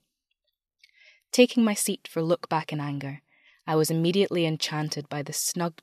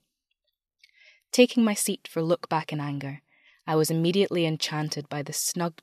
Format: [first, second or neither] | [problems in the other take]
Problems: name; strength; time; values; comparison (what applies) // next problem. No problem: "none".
neither | none